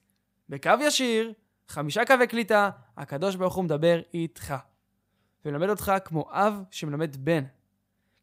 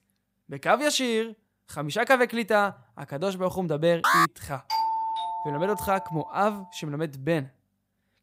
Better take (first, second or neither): first